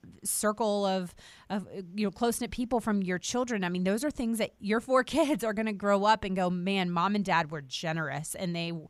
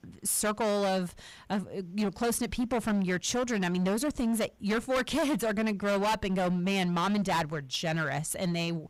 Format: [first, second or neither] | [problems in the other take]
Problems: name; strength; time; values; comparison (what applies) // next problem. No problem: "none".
first | distortion; heavy; 18% of the sound clipped